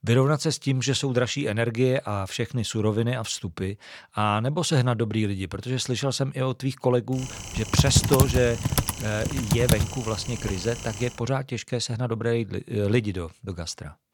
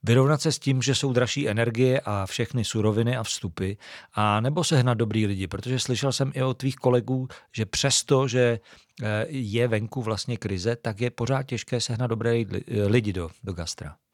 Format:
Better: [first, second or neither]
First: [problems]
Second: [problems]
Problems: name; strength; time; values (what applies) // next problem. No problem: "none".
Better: second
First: keyboard typing; loud; from 7.5 to 11 s; peak 4 dB above the speech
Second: none